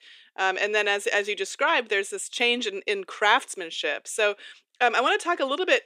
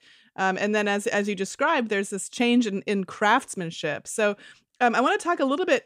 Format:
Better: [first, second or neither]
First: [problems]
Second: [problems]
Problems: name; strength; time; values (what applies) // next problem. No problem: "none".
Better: second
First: thin; somewhat; fading below 350 Hz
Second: none